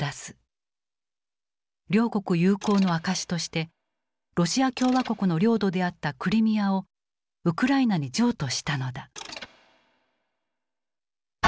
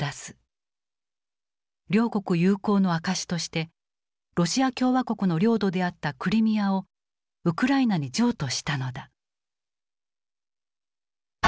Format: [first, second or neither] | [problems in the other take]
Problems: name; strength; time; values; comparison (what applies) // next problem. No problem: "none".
second | background sound (Mechanisms); 20 dB below the speech